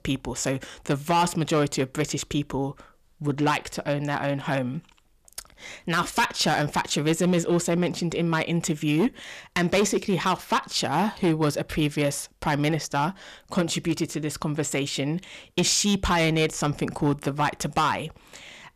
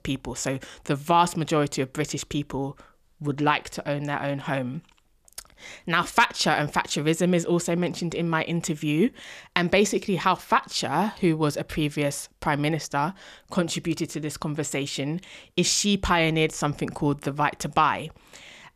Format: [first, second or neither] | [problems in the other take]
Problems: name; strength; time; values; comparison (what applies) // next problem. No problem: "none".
second | distortion; slight; 5% of the sound clipped